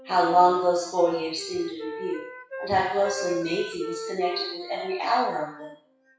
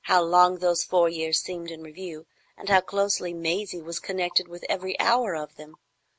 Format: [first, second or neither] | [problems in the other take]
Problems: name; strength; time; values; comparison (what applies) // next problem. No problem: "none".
second | noise reduction (classical method WPE with log-MMSE)